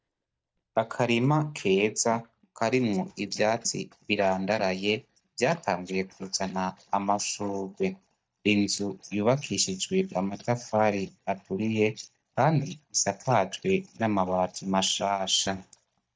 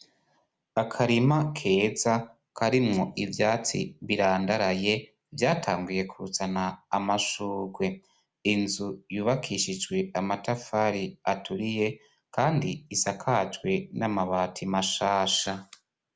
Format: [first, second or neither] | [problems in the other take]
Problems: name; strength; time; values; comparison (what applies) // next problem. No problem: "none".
second | noise reduction (neural mask model DeepFilterNet 3)